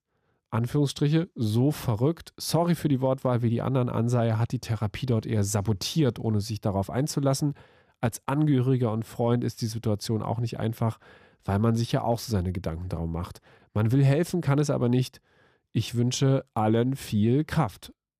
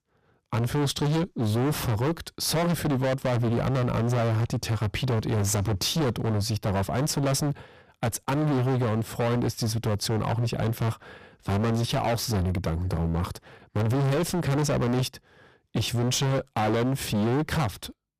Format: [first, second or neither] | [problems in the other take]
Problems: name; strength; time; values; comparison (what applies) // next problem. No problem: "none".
first | distortion; heavy; 31% of the sound clipped